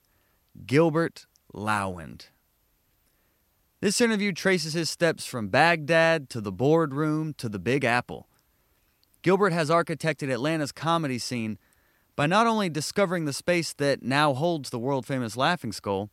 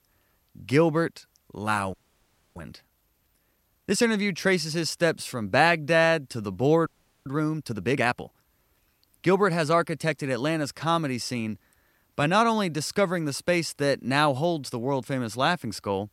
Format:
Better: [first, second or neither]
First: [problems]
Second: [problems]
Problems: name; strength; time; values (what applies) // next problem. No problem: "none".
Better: first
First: none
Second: audio freezing; at 2 s for 0.5 s and at 7 s